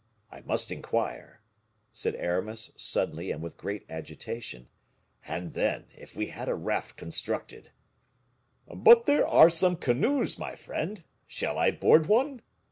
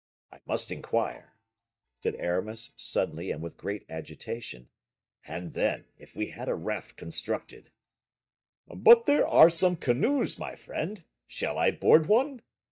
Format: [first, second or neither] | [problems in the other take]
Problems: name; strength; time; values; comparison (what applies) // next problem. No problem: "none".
first | noise reduction (neural mask model DeepFilterNet 3)